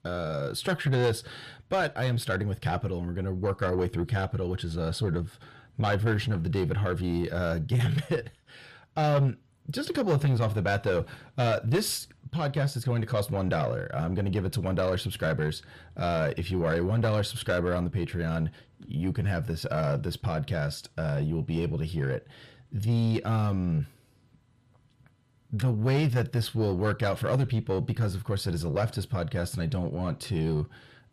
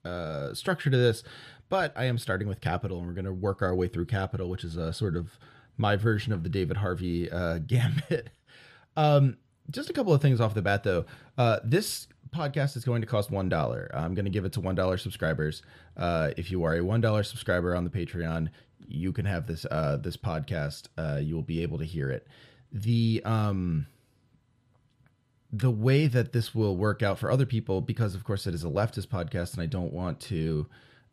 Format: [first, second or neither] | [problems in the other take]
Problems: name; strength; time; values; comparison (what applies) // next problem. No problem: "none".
second | distortion; slight; 10 dB below the speech